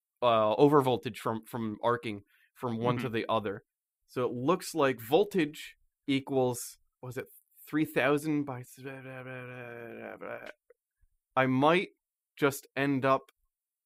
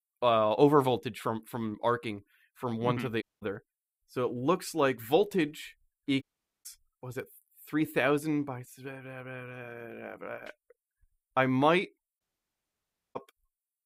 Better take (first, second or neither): first